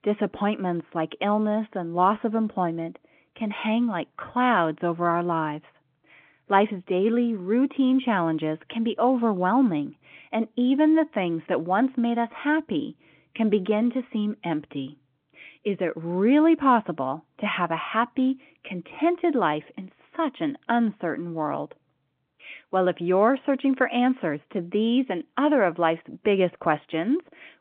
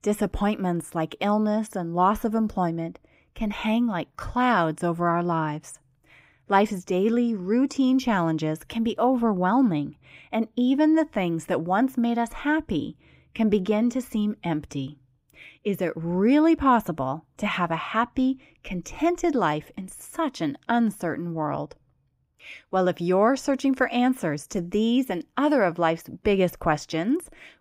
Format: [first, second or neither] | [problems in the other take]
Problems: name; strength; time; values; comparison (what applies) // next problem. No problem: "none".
second | phone-call audio